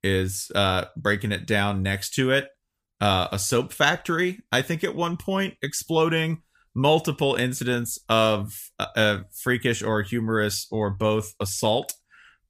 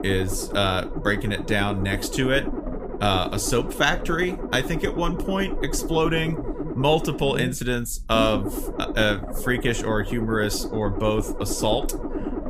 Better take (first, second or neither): first